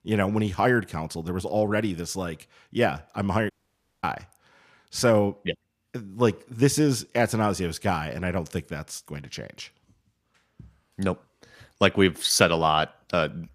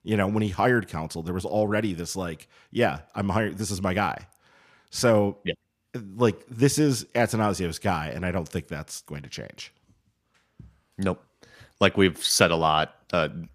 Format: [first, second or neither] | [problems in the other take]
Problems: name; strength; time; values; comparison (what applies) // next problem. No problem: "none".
second | audio cutting out; at 3.5 s for 0.5 s